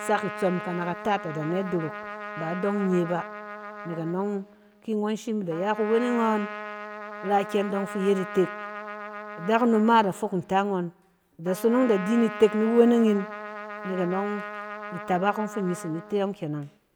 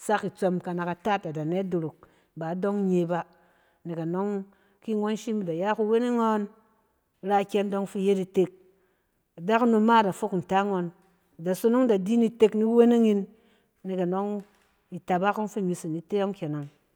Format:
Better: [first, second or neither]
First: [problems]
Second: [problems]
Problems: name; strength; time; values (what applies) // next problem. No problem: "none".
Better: second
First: background sound (Trumpet); 12 dB below the speech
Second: none